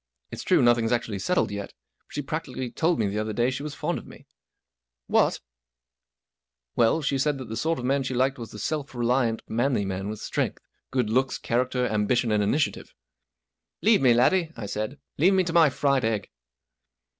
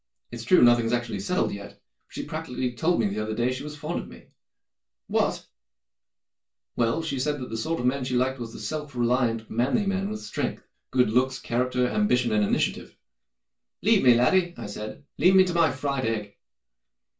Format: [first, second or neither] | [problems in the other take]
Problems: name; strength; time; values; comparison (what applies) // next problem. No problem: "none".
first | room echo; dies away in 0.2 s